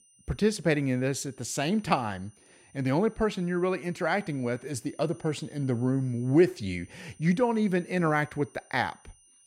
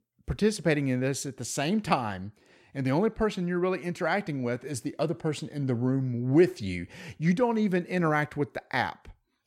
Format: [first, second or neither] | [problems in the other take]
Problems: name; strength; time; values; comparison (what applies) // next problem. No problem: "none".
second | high-pitched whine; faint; throughout; 9 kHz, 30 dB below the speech